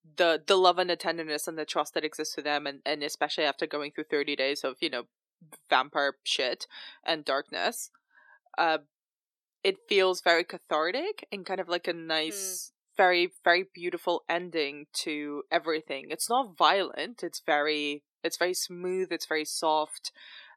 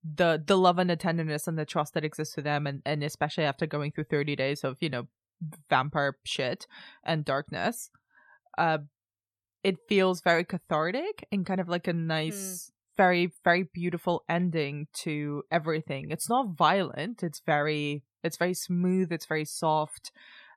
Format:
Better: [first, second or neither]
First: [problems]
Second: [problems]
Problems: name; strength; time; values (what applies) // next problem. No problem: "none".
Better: second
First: thin; somewhat; fading below 300 Hz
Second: none